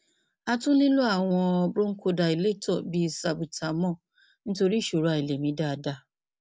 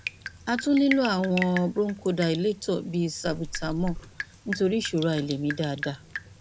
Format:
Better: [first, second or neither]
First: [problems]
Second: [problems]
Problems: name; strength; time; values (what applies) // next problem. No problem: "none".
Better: first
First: none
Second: background sound (Drip); 11 dB below the speech